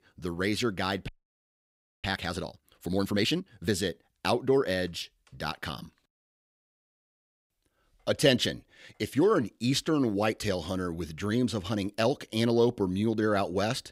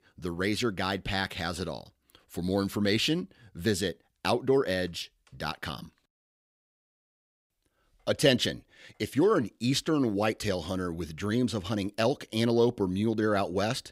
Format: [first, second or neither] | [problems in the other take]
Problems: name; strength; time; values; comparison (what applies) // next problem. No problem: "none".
second | audio freezing; at 1 s for 1 s